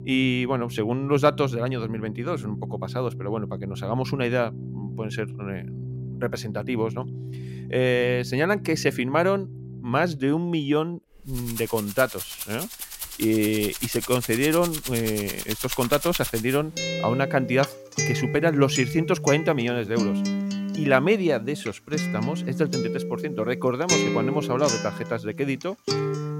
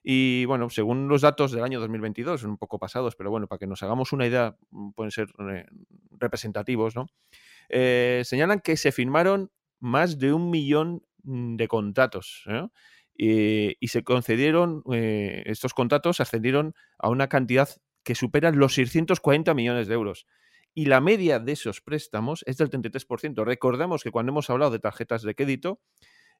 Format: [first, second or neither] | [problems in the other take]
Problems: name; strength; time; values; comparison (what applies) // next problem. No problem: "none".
second | background music; loud; throughout; 6 dB below the speech